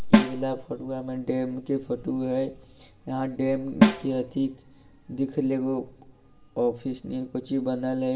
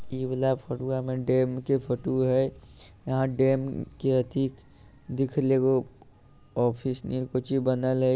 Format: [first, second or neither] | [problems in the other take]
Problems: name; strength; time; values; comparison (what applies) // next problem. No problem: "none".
second | background sound (Snare drum); 4 dB above the speech // room echo; dies away in 0.5 s